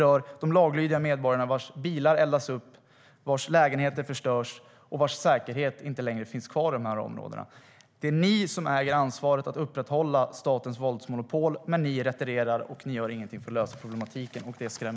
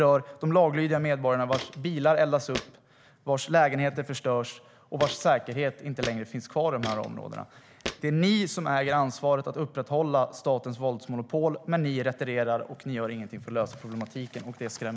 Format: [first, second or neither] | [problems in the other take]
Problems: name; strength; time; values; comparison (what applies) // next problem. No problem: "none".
first | background sound (Walk, footsteps); 14 dB below the speech